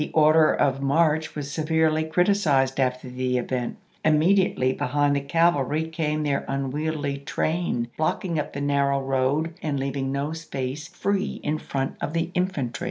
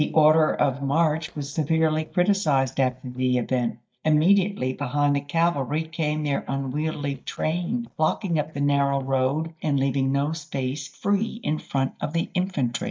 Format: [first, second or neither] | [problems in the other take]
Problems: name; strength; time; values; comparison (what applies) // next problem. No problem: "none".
first | noise reduction (neural mask model DeepFilterNet 3)